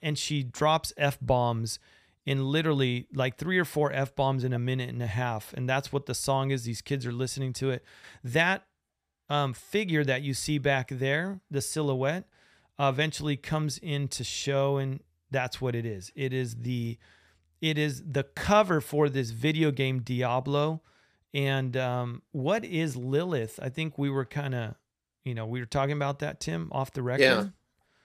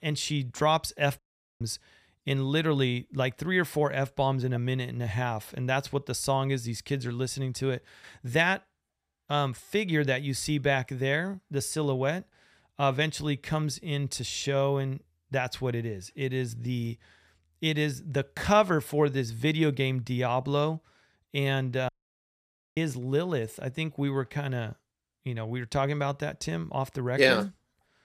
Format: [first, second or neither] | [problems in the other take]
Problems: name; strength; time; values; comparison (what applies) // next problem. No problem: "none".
first | audio cutting out; at 1 s and at 22 s for 1 s